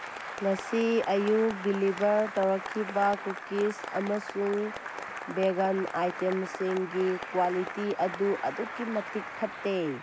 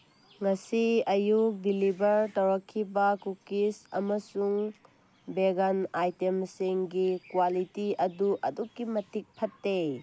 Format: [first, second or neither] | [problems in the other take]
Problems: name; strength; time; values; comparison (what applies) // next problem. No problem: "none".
second | background sound (Applause); 10 dB below the speech